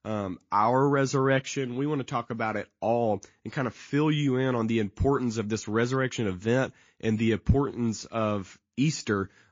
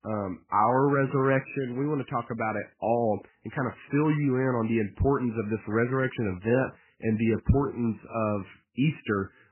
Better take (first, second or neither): first